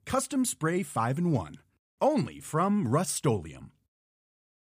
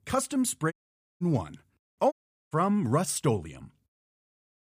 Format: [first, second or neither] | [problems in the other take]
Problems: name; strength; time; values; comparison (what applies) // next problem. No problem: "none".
first | audio cutting out; at 0.5 s and at 2 s